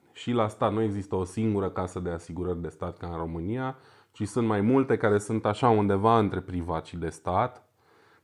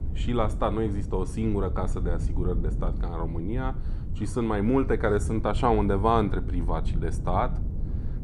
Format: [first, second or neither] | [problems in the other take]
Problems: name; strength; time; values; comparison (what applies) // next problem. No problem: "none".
first | low rumble; noticeable; throughout; 15 dB below the speech